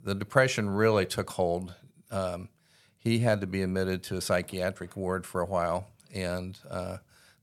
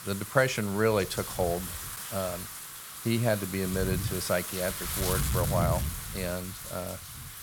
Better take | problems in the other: first | wind noise on the microphone; heavy; 7 dB below the speech

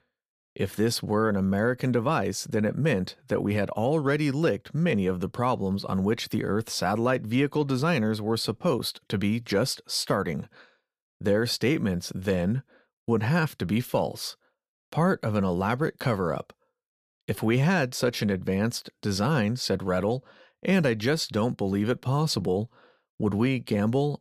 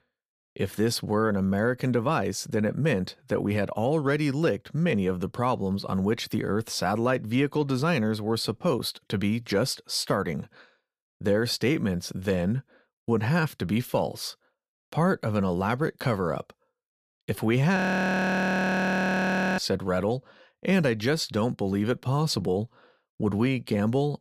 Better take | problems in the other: first | audio freezing; at 18 s for 2 s

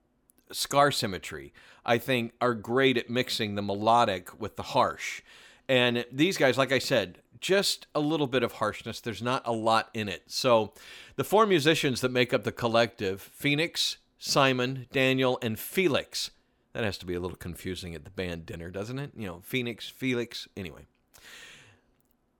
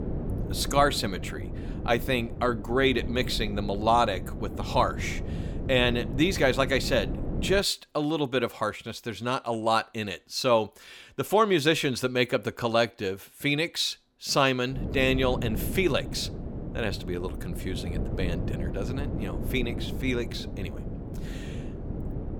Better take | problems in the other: first | wind noise on the microphone; occasional gusts; until 7.5 s and from 15 s on; 15 dB below the speech

